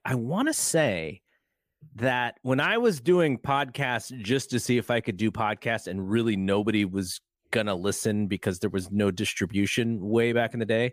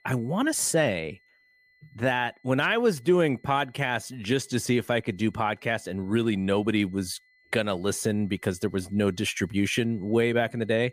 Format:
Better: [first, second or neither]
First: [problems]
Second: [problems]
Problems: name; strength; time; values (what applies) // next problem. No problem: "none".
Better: first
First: none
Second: high-pitched whine; faint; throughout; 2 kHz, 35 dB below the speech